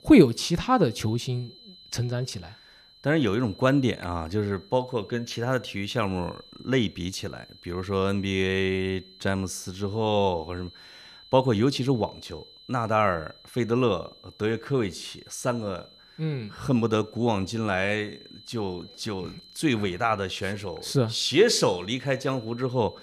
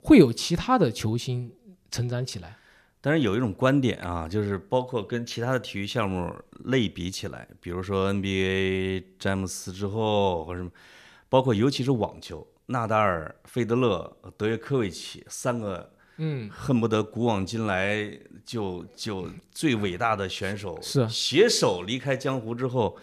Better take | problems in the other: second | high-pitched whine; faint; throughout; 4 kHz, 25 dB below the speech

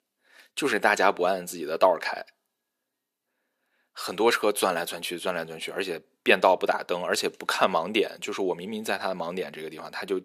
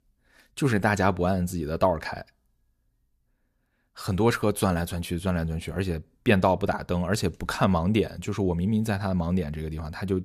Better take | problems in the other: second | thin; very; fading below 350 Hz

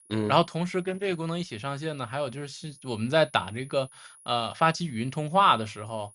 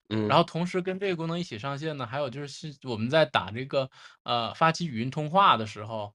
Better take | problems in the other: second | high-pitched whine; faint; throughout; 10.5 kHz, 25 dB below the speech

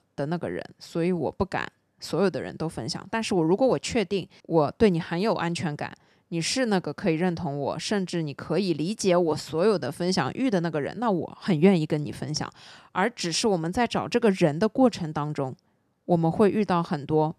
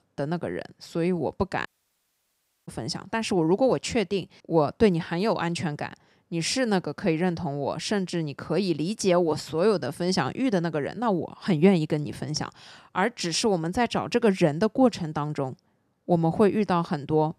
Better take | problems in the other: first | audio cutting out; at 1.5 s for 1 s

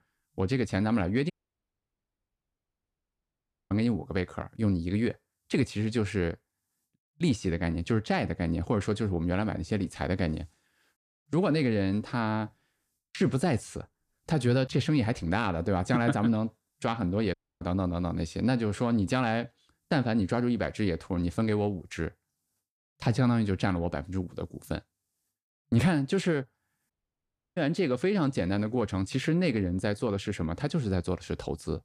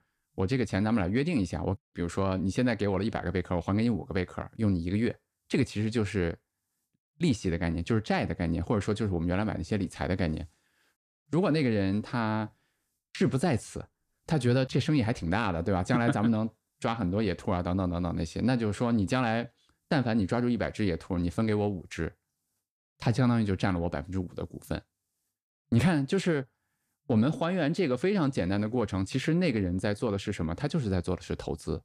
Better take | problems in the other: second | audio cutting out; at 1.5 s for 2.5 s, at 17 s and at 27 s for 0.5 s

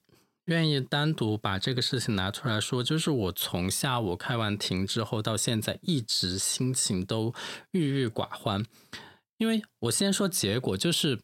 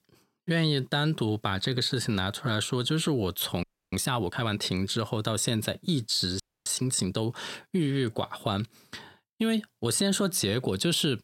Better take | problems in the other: first | audio freezing; at 3.5 s and at 6.5 s

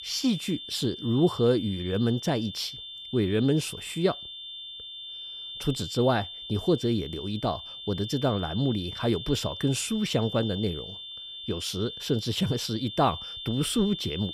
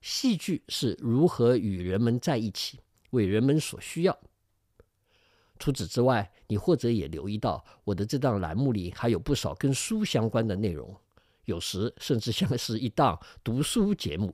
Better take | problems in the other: second | high-pitched whine; loud; throughout; 3.5 kHz, 9 dB below the speech

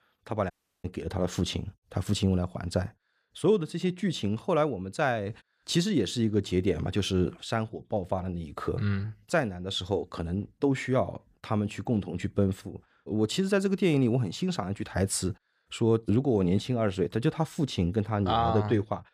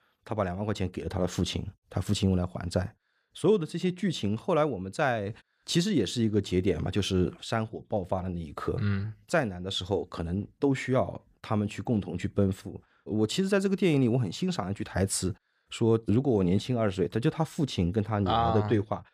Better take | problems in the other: second | audio cutting out; at 0.5 s

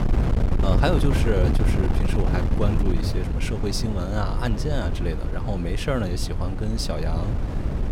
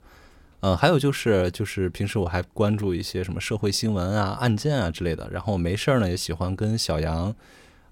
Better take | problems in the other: second | wind noise on the microphone; heavy; 4 dB below the speech

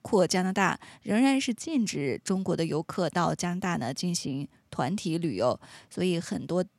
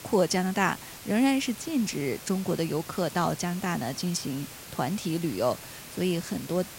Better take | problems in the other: first | hiss; noticeable; throughout; 15 dB below the speech

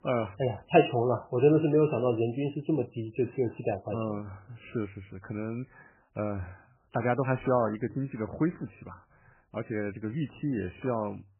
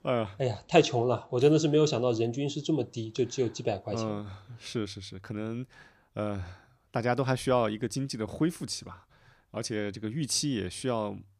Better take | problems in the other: second | garbled, watery; badly; nothing above 3 kHz

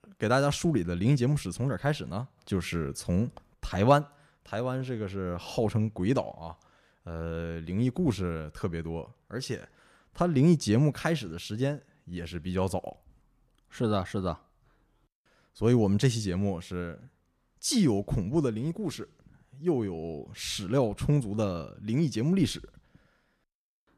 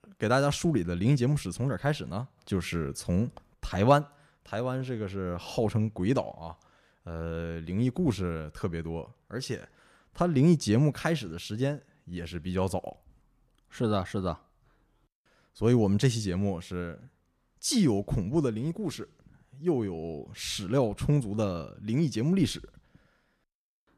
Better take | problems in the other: neither | none

